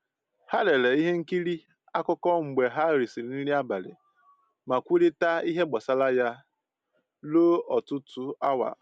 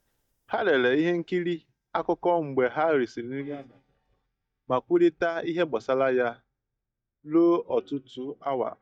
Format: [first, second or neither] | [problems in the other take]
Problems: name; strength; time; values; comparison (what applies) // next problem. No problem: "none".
first | noise reduction (neural mask model DeepFilterNet 3)